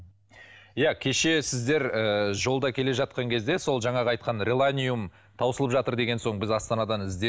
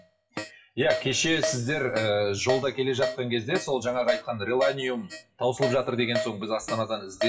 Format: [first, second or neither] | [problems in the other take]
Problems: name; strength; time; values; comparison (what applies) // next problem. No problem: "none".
first | noise reduction (classical method WPE with log-MMSE)